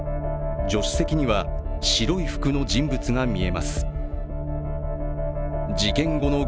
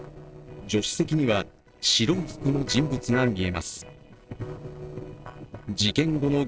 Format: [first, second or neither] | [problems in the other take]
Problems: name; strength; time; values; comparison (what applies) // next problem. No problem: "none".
first | noise reduction (neural separator model SepFormer DNS4)